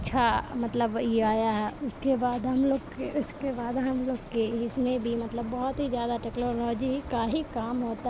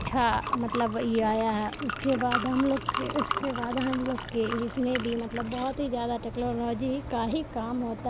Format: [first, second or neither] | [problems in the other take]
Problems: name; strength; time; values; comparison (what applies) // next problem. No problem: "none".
first | background sound (Liquid); 8 dB below the speech